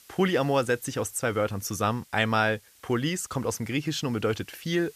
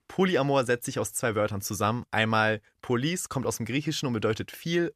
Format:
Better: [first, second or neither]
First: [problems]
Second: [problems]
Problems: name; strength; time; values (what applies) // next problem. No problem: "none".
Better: second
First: hiss; faint; throughout; 25 dB below the speech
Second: none